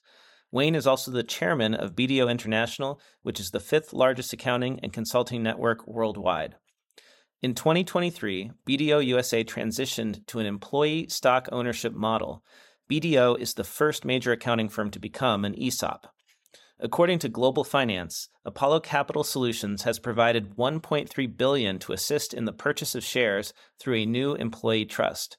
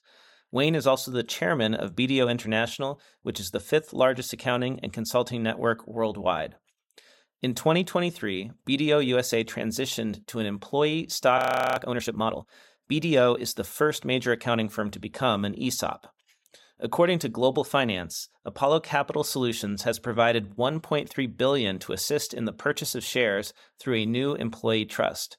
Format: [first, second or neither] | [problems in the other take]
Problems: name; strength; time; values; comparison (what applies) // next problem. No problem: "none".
first | audio freezing; at 11 s